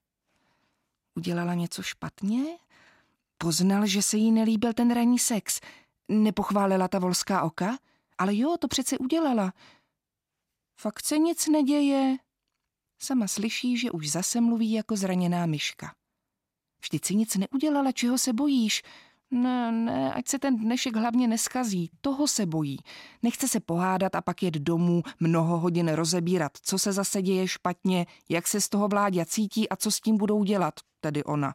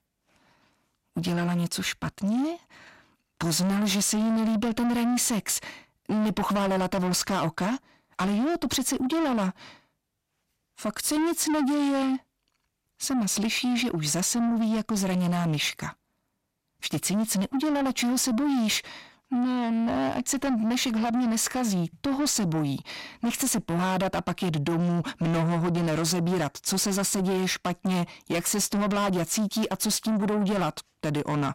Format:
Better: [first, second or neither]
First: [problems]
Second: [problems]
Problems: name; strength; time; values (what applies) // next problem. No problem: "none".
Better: first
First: none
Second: distortion; heavy; 8 dB below the speech